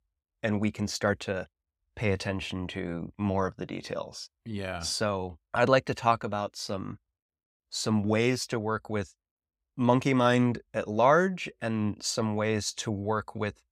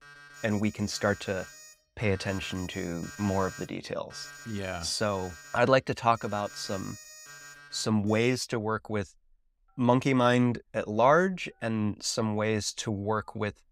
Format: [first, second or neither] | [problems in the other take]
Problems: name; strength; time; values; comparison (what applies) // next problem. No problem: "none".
first | alarms or sirens; noticeable; throughout; 15 dB below the speech